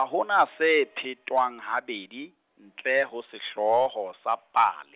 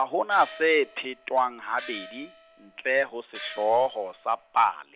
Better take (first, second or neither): first